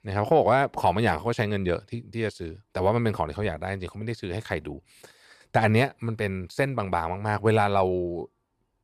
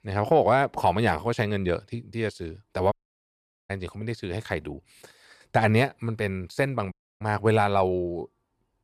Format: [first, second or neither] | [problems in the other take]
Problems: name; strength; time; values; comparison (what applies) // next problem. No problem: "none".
first | audio cutting out; at 3 s for 1 s and at 7 s